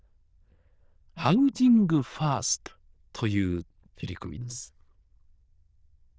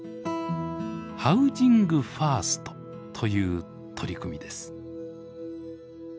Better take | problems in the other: second | noise reduction (neural diffusion model UNIVERSE++)

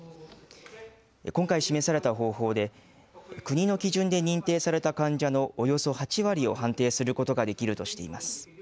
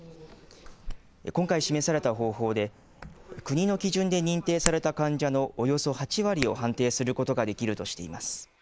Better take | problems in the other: first | noise reduction (neural mask model Resemble Enhance denoiser)

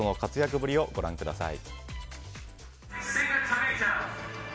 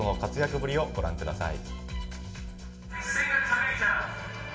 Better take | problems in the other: first | background sound (Harp); 14 dB below the speech // room echo; dies away in 0.6 s

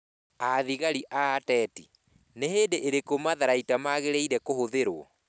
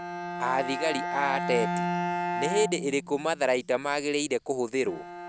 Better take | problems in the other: first | background sound (Bowed string instrument); 4 dB below the speech

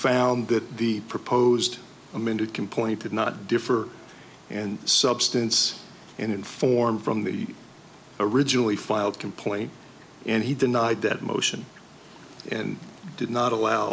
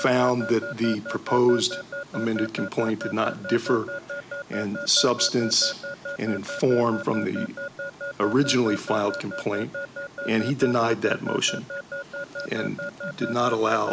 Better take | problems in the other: first | background sound (Alarm / Keyboard (musical)); 10 dB below the speech

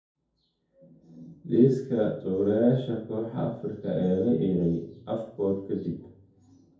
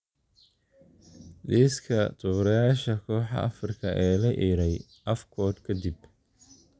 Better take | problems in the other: second | room echo; dies away in 0.6 s

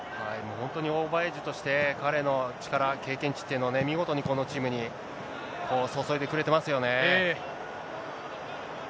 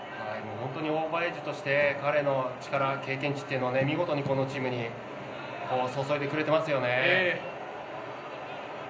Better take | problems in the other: first | room echo; dies away in 0.5 s

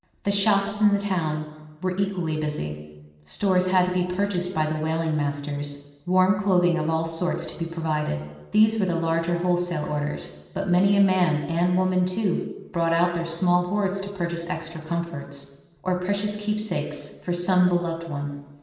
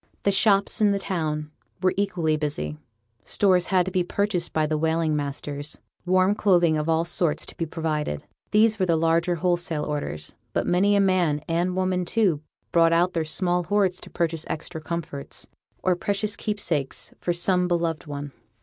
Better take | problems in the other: second | room echo; dies away in 1.1 s

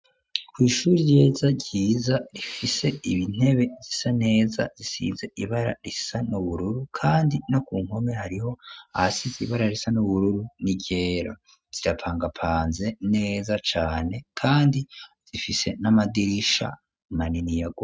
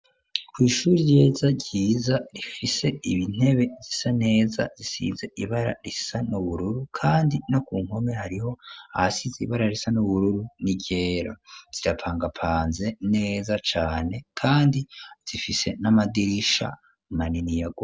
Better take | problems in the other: second | noise reduction (neural mask model RNNoise)

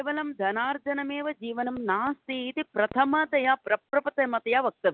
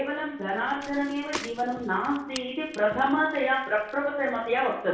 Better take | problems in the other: first | background sound (Bicycle); 17 dB below the speech // room echo; dies away in 0.6 s

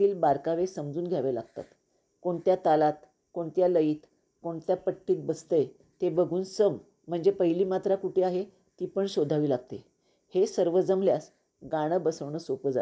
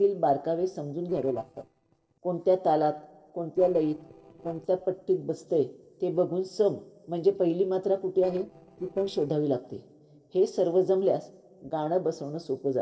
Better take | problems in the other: first | noise reduction (neural separator model SepFormer DNS4)

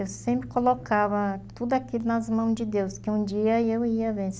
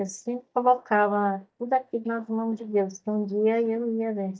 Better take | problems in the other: first | noise reduction (neural mask model DeepFilterNet 3)

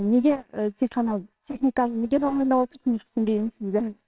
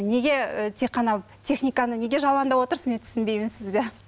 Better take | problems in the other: second | noise reduction (neural separator model SepFormer WHAMR!)

